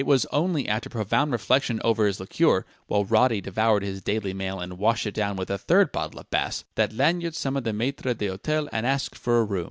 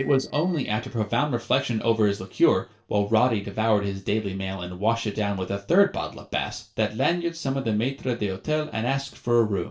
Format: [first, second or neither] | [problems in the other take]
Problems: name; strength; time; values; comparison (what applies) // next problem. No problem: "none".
first | noise reduction (neural separator model SepFormer DNS4)